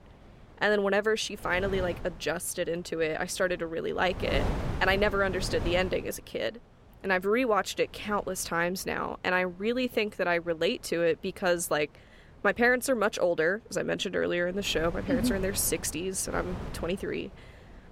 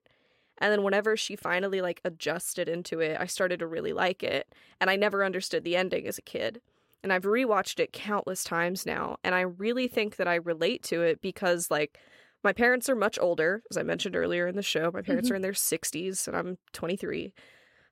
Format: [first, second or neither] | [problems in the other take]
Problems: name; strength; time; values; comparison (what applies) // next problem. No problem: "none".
second | wind noise on the microphone; occasional gusts; 15 dB below the speech